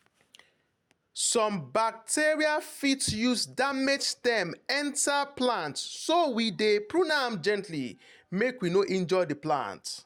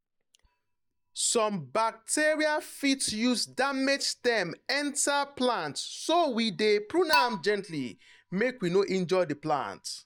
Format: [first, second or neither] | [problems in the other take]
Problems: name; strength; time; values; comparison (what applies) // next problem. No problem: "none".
first | noise reduction (neural mask model DeepFilterNet 3)